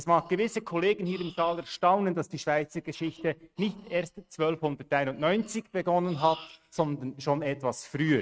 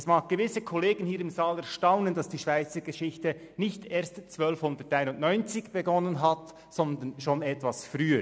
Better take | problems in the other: second | noise reduction (neural mask model RNNoise)

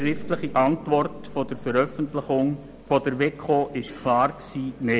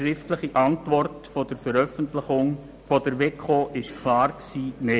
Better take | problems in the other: second | background sound (Piano); 15 dB below the speech

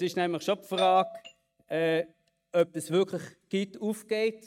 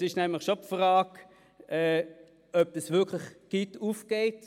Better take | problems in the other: second | noise reduction (neural mask model RNNoise)

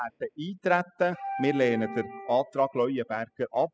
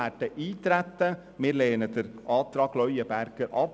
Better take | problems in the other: second | noise reduction (classical method spectral subtraction)

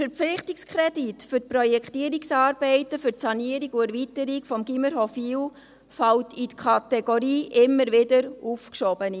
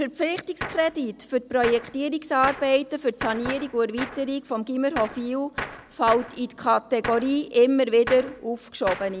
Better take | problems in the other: first | background sound (Gunshot, gunfire); 13 dB below the speech

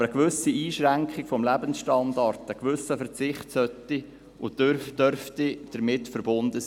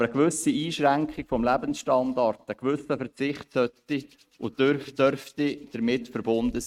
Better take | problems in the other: first | noise reduction (neural mask model RNNoise)

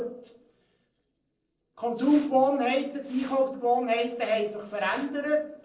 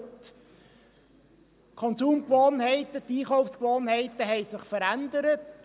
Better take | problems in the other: second | noise reduction (neural separator model SepFormer DNS4)

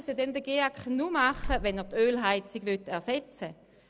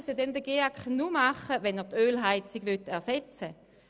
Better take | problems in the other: second | background sound (Slam); 8 dB below the speech

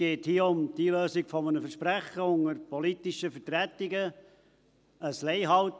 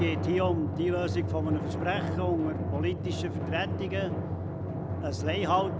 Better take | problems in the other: first | background sound (Drum); as loud as the speech

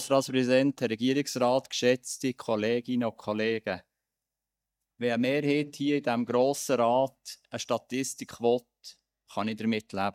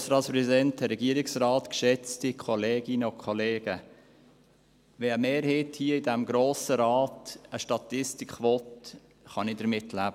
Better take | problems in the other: second | noise reduction (neural mask model DeepFilterNet 3)

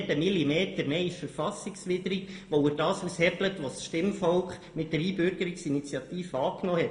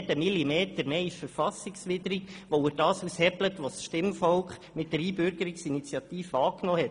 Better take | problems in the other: second | room echo; dies away in 1.2 s

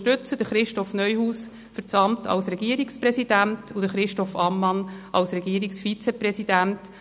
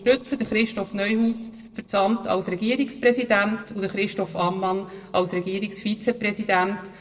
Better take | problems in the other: first | noise reduction (neural separator model SepFormer DNS4)

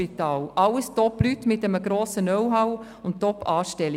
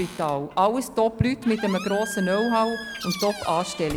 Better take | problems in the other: first | background sound (Squeak + Bird); 12 dB below the speech

